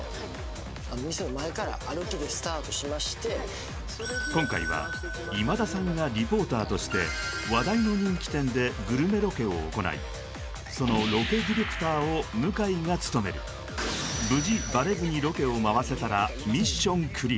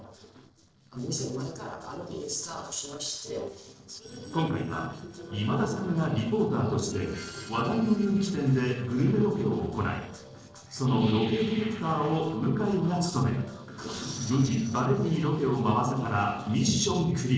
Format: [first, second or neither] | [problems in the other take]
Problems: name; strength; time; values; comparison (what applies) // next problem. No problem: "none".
first | noise reduction (neural separator model SepFormer DNS4)